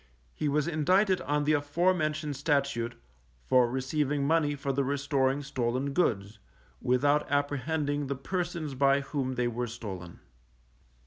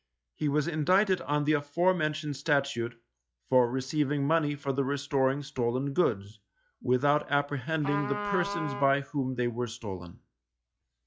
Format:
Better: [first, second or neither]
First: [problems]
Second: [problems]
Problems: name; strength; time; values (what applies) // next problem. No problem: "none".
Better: first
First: none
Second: noise reduction (classical method log-MMSE)